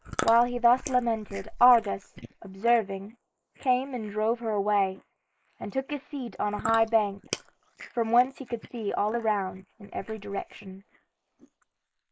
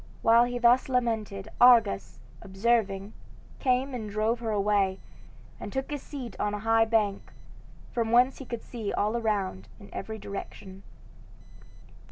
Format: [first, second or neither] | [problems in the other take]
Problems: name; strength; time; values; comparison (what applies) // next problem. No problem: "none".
second | noise reduction (neural mask model Resemble Enhance denoiser)